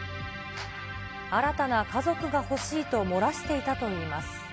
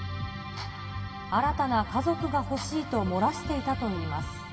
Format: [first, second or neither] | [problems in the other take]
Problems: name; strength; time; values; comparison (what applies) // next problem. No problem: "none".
first | room echo; dies away in 2.4 s